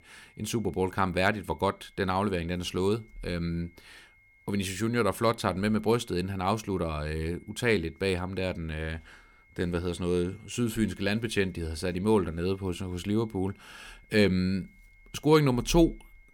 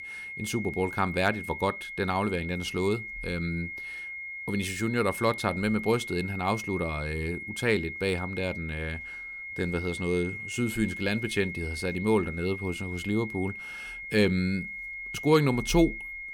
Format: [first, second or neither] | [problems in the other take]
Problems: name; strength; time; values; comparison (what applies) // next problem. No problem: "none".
first | high-pitched whine; loud; throughout; 2 kHz, 7 dB below the speech; faint in the first